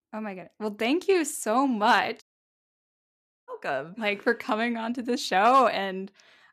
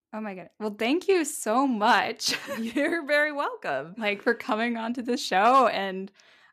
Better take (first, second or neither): second